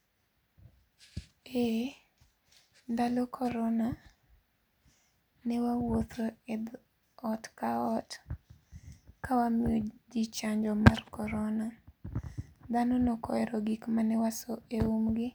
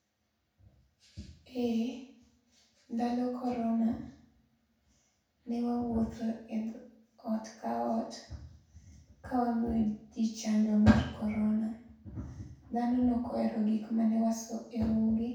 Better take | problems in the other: first | room echo; dies away in 0.6 s

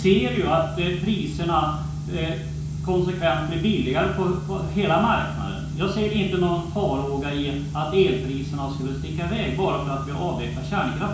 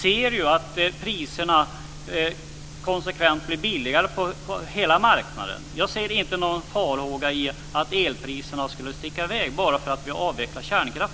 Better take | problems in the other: second | room echo; dies away in 0.6 s

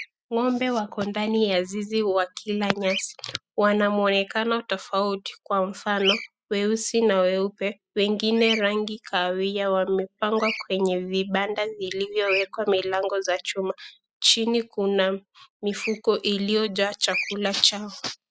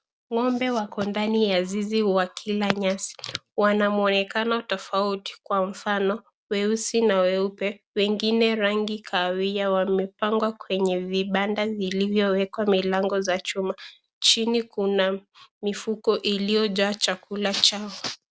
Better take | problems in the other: second | noise reduction (classical method spectral subtraction)

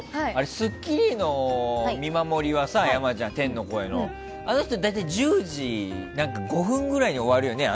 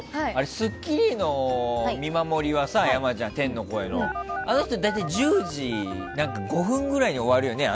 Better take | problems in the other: first | background sound (Telephone); 11 dB below the speech

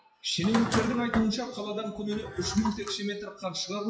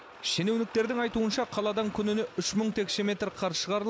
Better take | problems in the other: second | noise reduction (classical method WPE with log-MMSE)

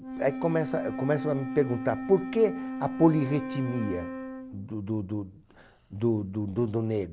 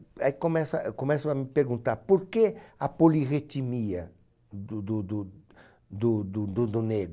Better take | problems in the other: second | background sound (Wind instrument, woodwind instrument); 8 dB below the speech

